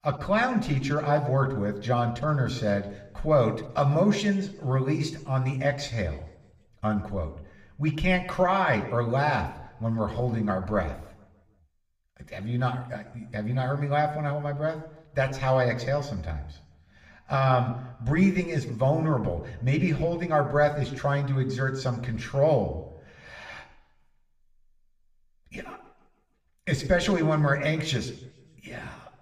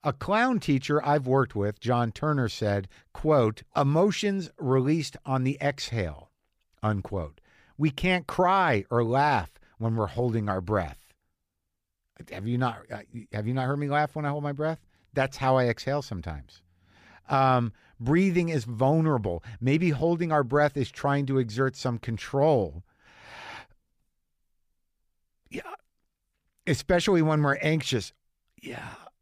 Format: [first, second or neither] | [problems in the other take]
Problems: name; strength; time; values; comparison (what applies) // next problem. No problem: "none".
second | room echo; very slight; dies away in 0.7 s